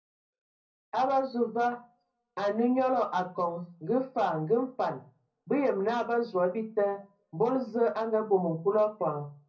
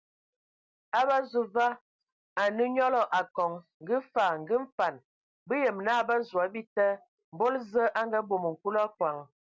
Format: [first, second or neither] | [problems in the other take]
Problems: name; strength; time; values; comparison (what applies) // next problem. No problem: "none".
second | room echo; dies away in 0.4 s